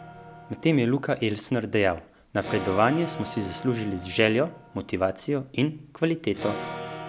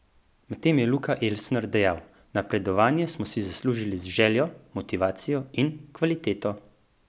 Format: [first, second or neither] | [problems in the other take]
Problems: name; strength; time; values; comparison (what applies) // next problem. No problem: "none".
second | background sound (Electric guitar / Acoustic guitar); 13 dB below the speech